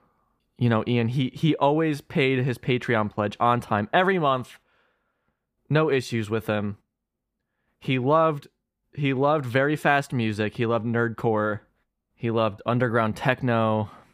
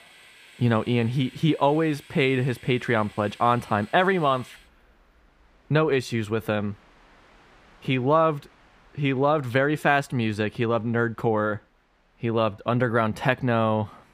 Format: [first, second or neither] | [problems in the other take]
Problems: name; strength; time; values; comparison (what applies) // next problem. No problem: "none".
first | train or aircraft noise; faint; throughout; 25 dB below the speech